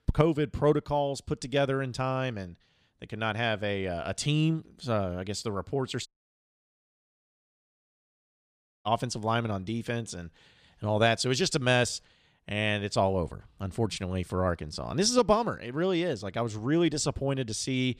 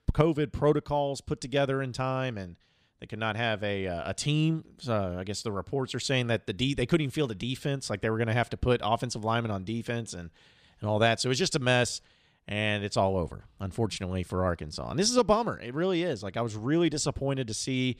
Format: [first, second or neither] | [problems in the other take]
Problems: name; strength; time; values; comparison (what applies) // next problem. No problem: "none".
second | audio cutting out; at 6 s for 3 s